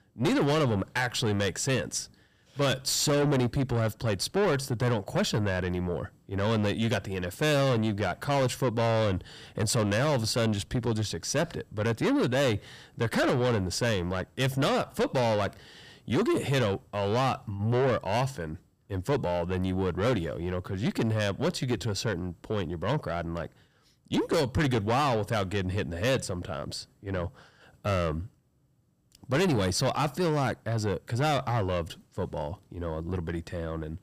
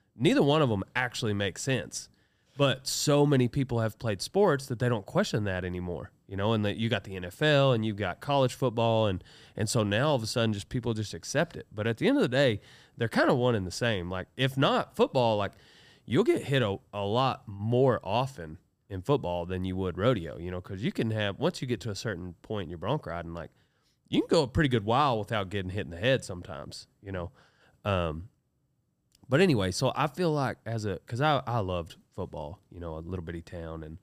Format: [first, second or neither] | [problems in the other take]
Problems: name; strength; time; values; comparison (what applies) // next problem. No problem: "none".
second | distortion; heavy; 7 dB below the speech